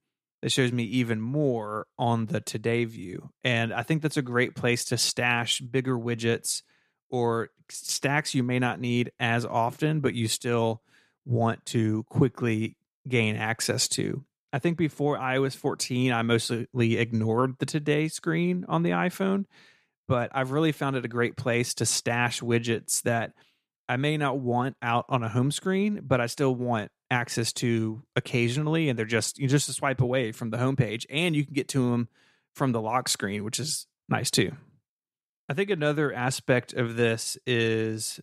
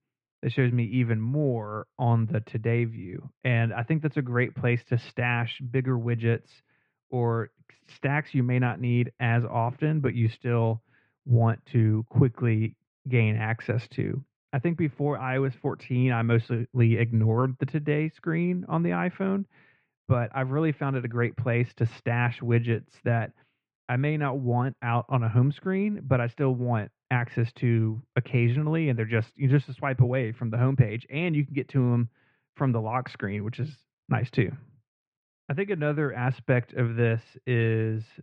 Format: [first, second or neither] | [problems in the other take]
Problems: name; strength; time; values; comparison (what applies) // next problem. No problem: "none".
first | muffled; very; fading above 2.5 kHz